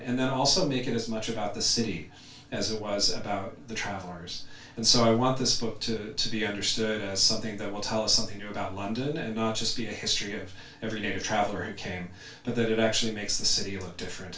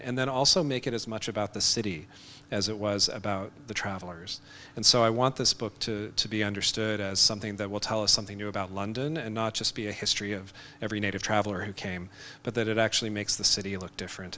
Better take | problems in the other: second | room echo; dies away in 0.2 s

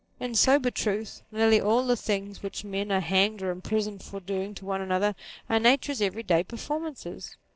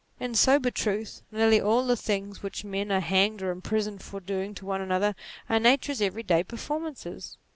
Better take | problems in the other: second | noise reduction (neural separator model SepFormer DNS4)

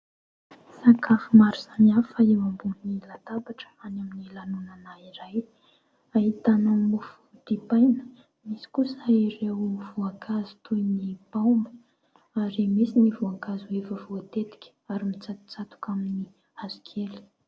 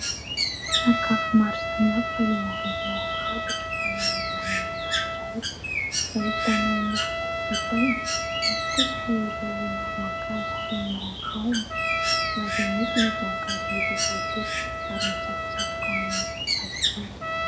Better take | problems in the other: first | background sound (Trumpet + Bird); 2 dB above the speech

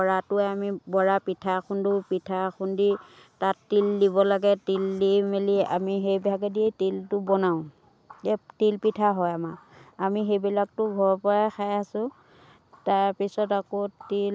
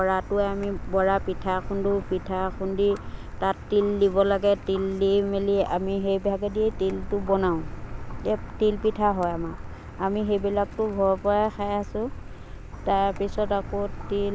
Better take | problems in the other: first | background sound (Car); 10 dB below the speech

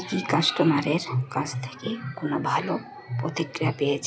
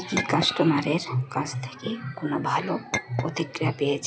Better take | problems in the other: first | background sound (Chink, clink); 8 dB below the speech

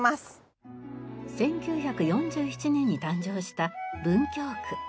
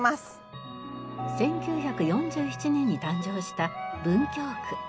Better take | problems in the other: first | background sound (Chime / Clock); 11 dB below the speech

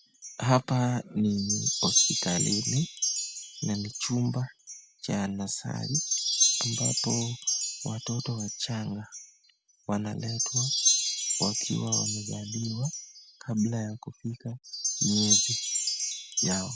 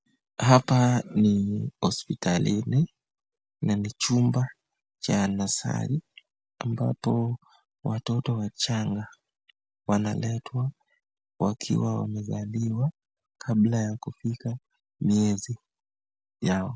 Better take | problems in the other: second | background sound (Wind chime); as loud as the speech

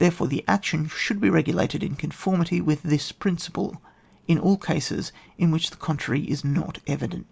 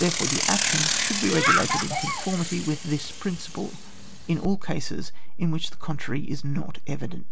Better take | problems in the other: first | background sound (Bicycle); 4 dB above the speech

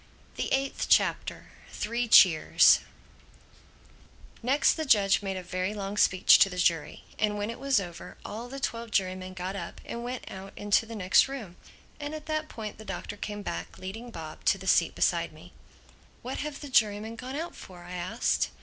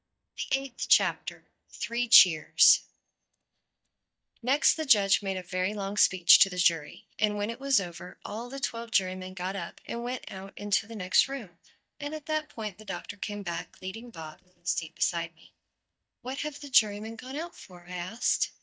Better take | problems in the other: first | noise reduction (neural mask model DeepFilterNet 3)

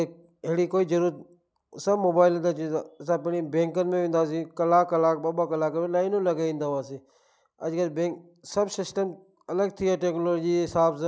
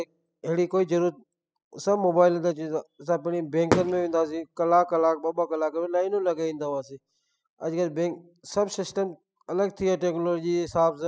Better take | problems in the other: first | noise reduction (classical method spectral subtraction)

